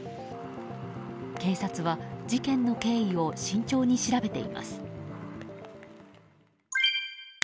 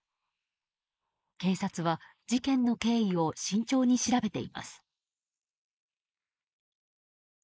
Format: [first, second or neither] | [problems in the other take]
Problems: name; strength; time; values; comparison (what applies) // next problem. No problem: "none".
first | noise reduction (neural mask model Resemble Enhance denoiser)